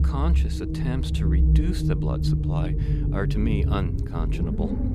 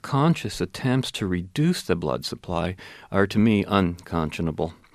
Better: second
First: low rumble; loud; throughout; 1 dB below the speech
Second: none

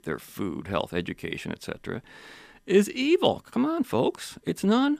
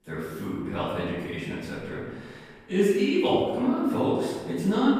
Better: first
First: none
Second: off-mic speech; far // room echo; strong; dies away in 1.2 s

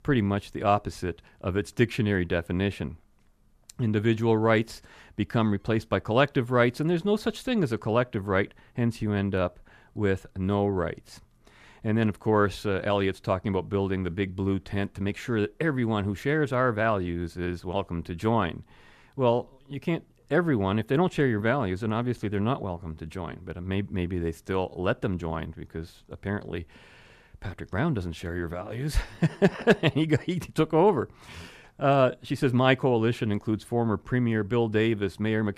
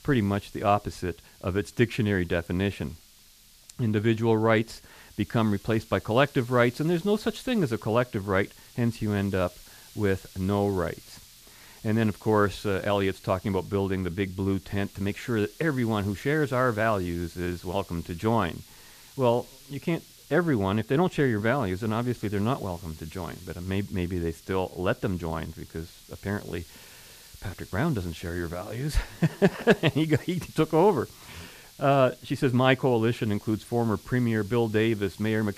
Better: first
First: none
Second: hiss; faint; throughout; 20 dB below the speech

